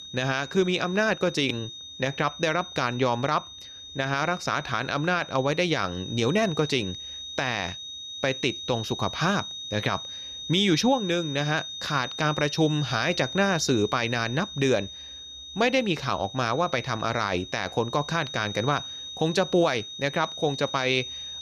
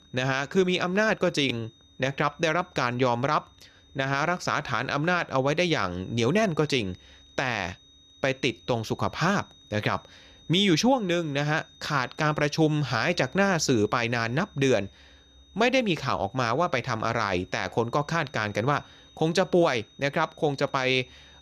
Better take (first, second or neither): second